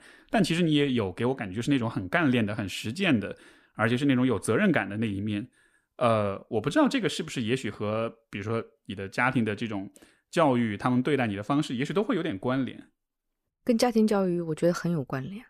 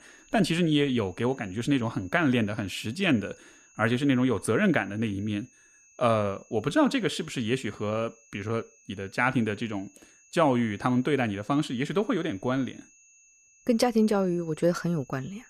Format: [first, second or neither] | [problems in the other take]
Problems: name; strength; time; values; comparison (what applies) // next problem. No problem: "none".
first | high-pitched whine; faint; throughout; 6.5 kHz, 30 dB below the speech